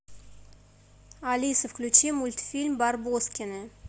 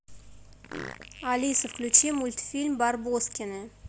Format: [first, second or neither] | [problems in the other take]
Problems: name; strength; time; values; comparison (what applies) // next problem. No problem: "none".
first | background sound (Fart); 18 dB below the speech